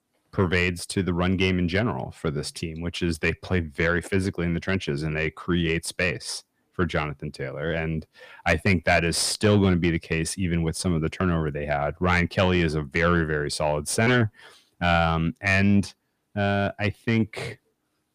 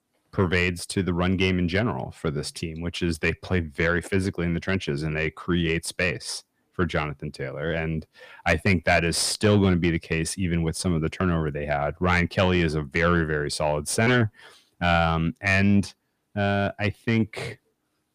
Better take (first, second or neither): neither